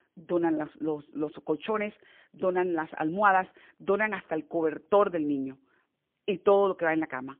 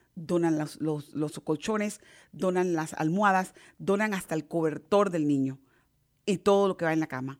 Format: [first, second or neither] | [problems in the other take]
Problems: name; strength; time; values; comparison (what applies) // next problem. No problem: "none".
second | phone-call audio; poor line; nothing above 3 kHz